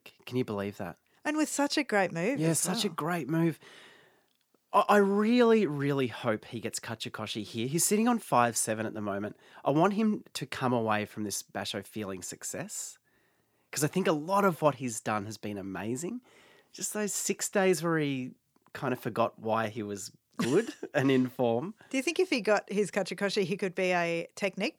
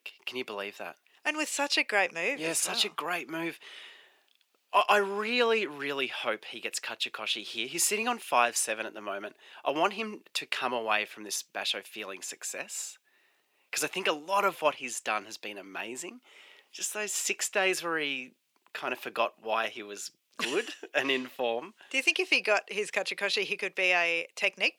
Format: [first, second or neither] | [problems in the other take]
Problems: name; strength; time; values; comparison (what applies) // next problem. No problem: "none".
first | thin; somewhat; fading below 450 Hz